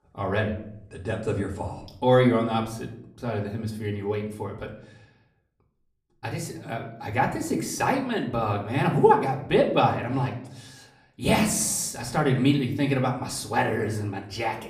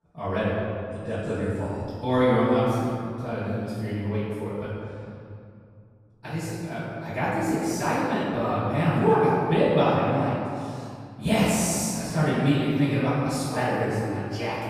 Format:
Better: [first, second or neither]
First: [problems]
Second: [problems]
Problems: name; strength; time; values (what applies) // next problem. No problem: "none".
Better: first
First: room echo; slight; dies away in 0.5 s // off-mic speech; somewhat distant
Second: room echo; strong; dies away in 2.4 s // off-mic speech; far